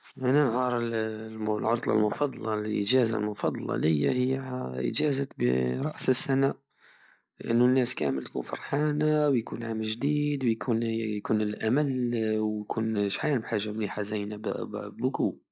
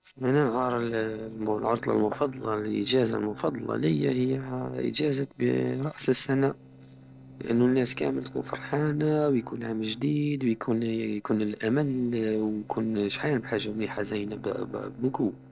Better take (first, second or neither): first